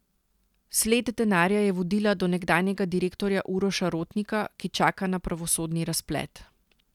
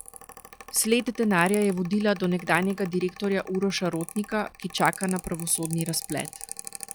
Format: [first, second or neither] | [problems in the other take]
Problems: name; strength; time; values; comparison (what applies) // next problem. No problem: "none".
first | noise reduction (classical method log-MMSE)